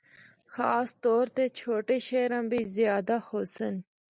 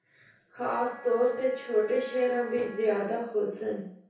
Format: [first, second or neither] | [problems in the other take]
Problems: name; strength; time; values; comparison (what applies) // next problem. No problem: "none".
first | background sound (Wind instrument, woodwind instrument); 18 dB below the speech // room echo; dies away in 0.6 s